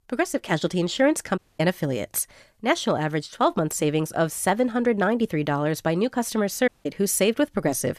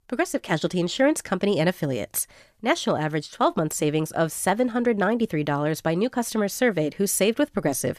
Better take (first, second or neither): second